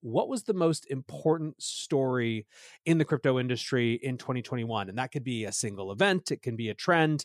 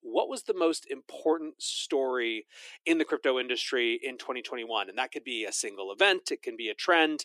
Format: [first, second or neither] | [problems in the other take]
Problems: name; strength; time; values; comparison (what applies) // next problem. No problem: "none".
first | thin; very; fading below 300 Hz